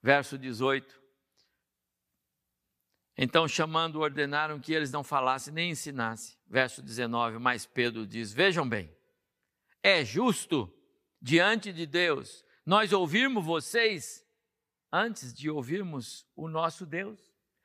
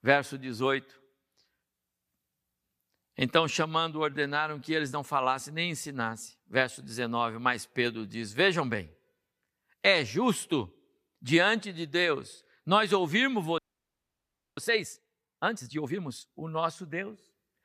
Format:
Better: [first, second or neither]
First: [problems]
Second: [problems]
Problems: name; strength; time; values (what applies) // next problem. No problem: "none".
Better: first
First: none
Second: audio freezing; at 14 s for 1 s